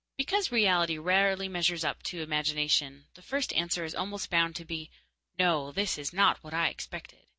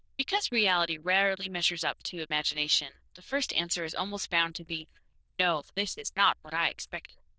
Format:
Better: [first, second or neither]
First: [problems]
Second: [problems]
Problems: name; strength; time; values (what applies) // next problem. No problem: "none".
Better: first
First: none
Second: noise reduction (neural diffusion model UNIVERSE++)